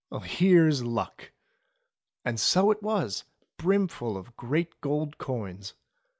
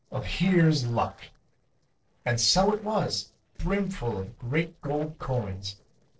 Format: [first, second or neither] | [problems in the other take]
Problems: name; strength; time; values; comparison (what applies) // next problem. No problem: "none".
first | noise reduction (neural separator model SepFormer DNS4)